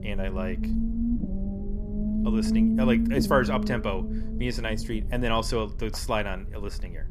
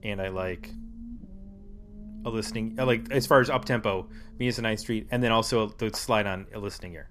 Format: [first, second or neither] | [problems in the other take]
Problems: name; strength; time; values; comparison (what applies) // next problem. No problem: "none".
second | low rumble; loud; throughout; 5 dB below the speech; faint in the second